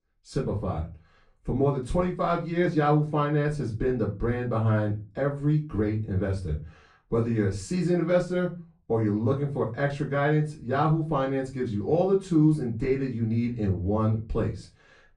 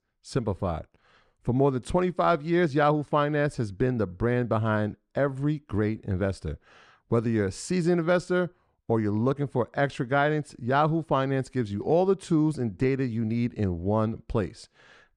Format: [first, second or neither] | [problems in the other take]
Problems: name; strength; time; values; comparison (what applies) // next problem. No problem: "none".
second | off-mic speech; far // room echo; very slight; dies away in 0.3 s